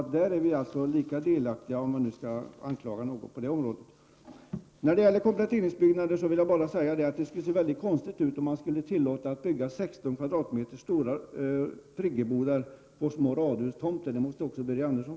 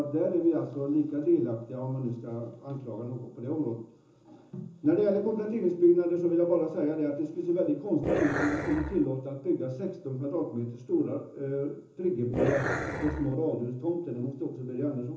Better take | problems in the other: first | background sound (Growling); 1 dB below the speech // room echo; dies away in 0.6 s

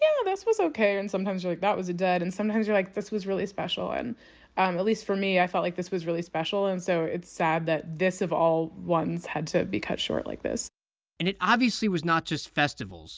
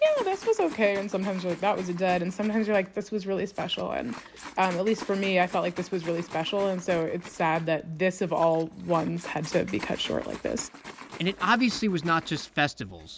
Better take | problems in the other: first | background sound (Liquid); 17 dB below the speech

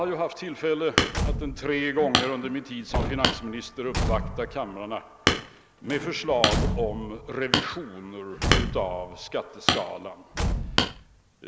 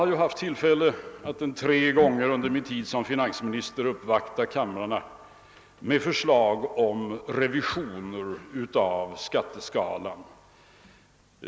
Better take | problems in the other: second | background sound (Hammer + Slam / Truck / Car); 2 dB above the speech

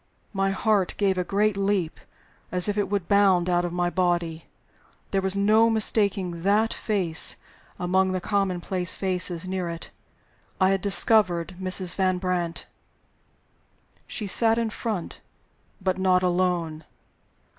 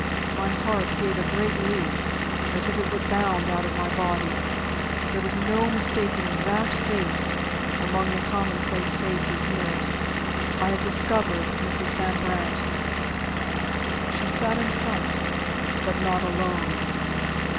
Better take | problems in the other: first | background sound (Engine / Vehicle); 4 dB above the speech

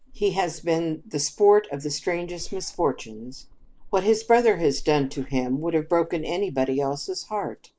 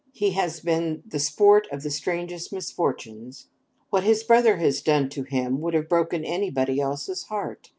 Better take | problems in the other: second | noise reduction (neural mask model Resemble Enhance denoiser)

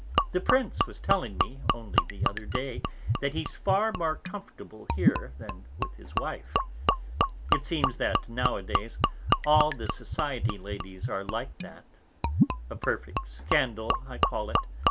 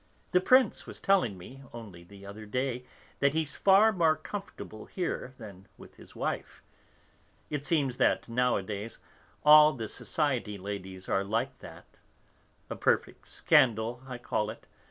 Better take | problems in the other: second | background sound (Gurgling / Liquid); 3 dB above the speech

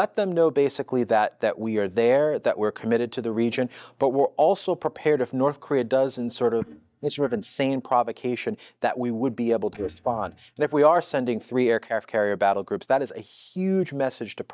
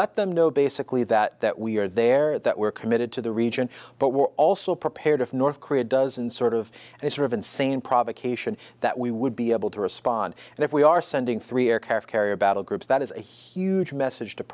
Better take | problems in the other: second | noise reduction (neural mask model DeepFilterNet 3)

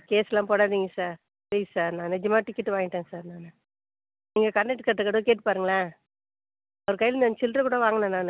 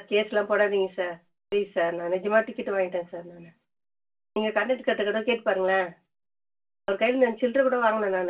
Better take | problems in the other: first | room echo; dies away in 0.2 s

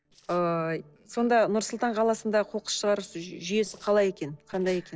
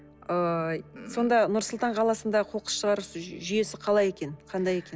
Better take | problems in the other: second | noise reduction (neural separator model SepFormer DNS4)

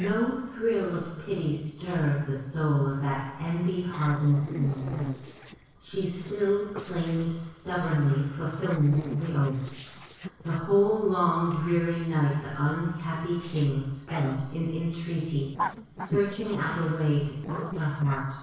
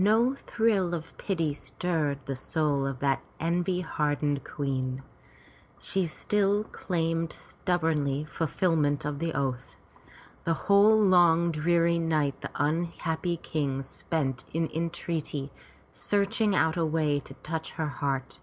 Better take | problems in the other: second | noise reduction (neural separator model SepFormer DNS4)

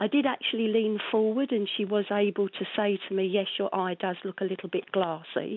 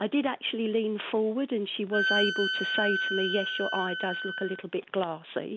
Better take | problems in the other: first | background sound (Wind instrument, woodwind instrument); 1 dB below the speech

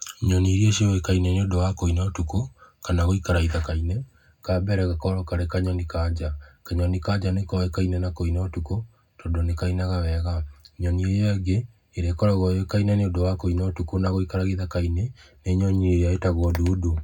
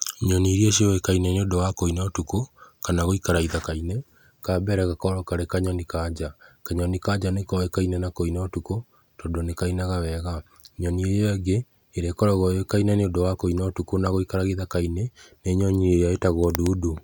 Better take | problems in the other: second | room echo; dies away in 0.3 s

